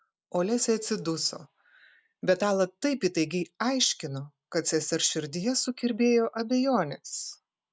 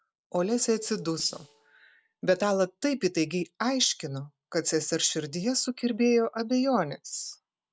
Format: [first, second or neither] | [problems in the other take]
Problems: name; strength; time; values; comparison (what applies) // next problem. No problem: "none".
first | noise reduction (neural separator model SepFormer DNS4)